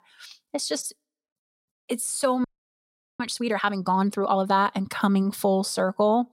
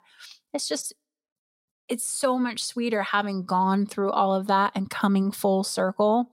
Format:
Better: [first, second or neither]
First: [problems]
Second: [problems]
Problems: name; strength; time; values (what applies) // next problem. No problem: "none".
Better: second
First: audio freezing; at 2.5 s for 1 s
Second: none